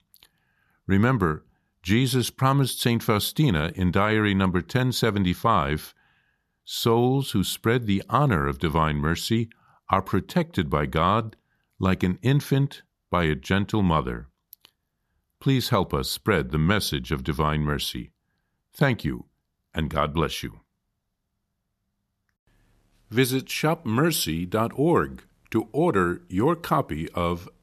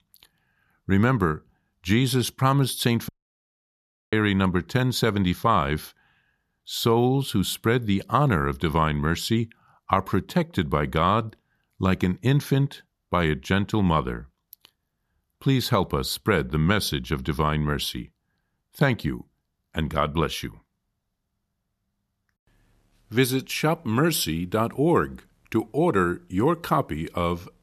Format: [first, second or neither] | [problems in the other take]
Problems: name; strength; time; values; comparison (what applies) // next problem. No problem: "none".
first | audio cutting out; at 3 s for 1 s